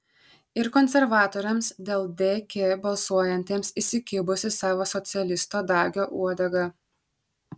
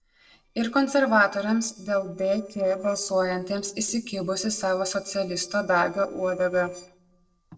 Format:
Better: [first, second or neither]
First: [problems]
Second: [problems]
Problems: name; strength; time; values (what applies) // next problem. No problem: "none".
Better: first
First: none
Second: noise reduction (neural separator model SepFormer DNS4)